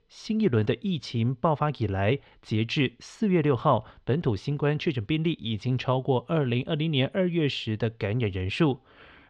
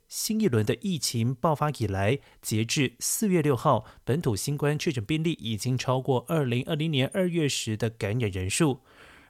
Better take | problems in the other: second | muffled; slightly; fading above 3.5 kHz

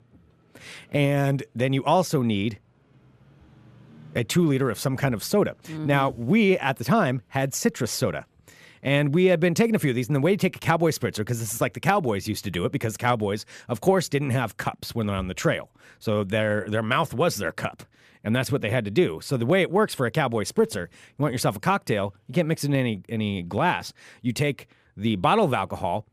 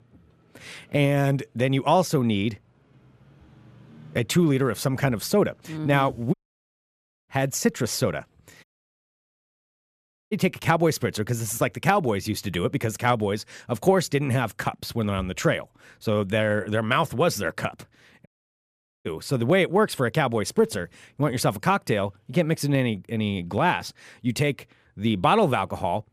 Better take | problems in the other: first | audio cutting out; at 6.5 s for 1 s, at 8.5 s for 1.5 s and at 18 s for 1 s

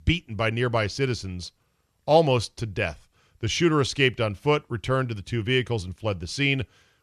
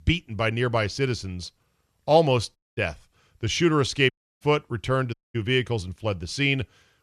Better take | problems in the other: first | audio cutting out; at 2.5 s, at 4 s and at 5 s

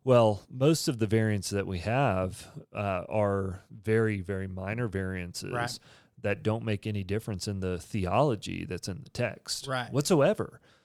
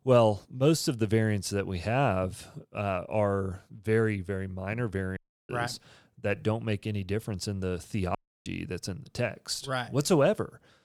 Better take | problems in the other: first | audio cutting out; at 5 s and at 8 s

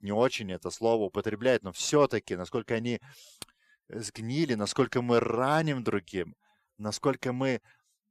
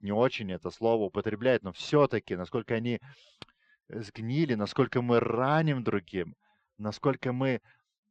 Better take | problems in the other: first | muffled; slightly; fading above 4 kHz

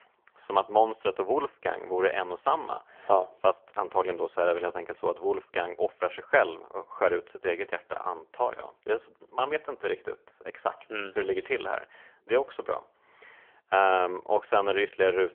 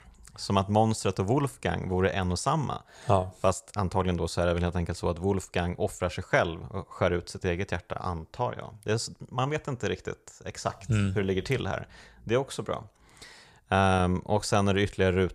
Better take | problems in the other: second | phone-call audio; poor line; nothing above 3.5 kHz

